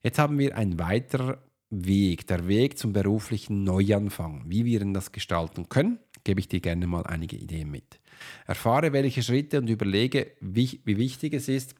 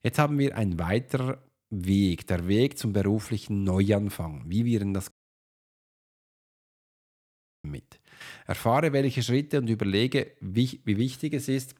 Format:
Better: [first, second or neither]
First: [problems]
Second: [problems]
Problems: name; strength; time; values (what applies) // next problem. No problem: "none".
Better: first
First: none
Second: audio cutting out; at 5 s for 2.5 s